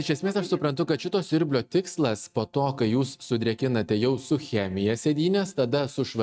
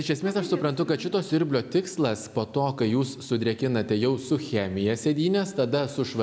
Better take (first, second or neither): second